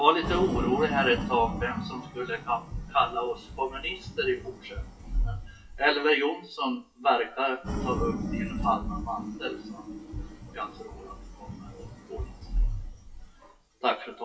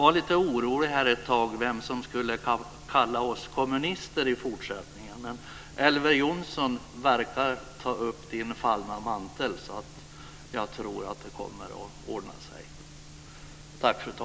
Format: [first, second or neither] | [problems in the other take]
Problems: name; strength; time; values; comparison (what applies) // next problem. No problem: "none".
second | noise reduction (classical method WPE with log-MMSE)